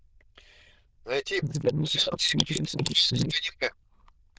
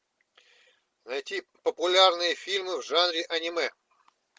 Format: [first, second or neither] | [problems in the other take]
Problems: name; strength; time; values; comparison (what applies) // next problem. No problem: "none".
second | noise reduction (neural diffusion model UNIVERSE++)